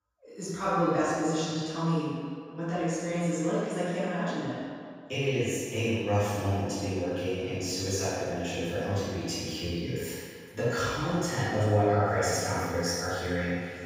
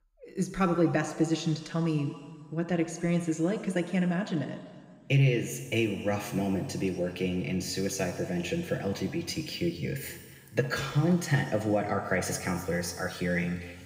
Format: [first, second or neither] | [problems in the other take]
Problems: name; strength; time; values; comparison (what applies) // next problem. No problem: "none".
second | room echo; strong; dies away in 1.8 s; slight in the second // off-mic speech; far